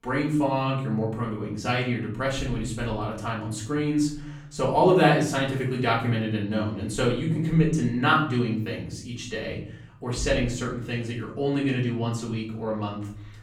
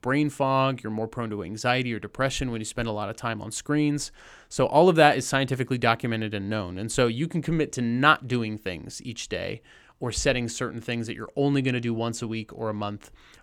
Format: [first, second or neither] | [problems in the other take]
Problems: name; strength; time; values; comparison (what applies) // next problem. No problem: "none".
second | room echo; noticeable; dies away in 0.8 s // off-mic speech; far